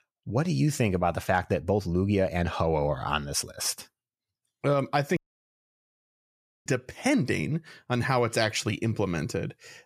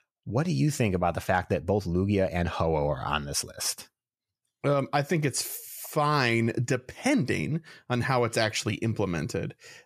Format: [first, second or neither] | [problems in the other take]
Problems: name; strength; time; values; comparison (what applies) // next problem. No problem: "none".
second | audio cutting out; at 5 s for 1.5 s